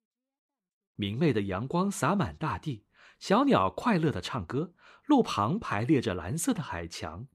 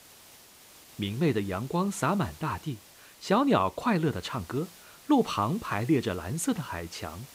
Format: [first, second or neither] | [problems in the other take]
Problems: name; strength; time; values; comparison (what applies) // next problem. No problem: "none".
first | hiss; faint; throughout; 20 dB below the speech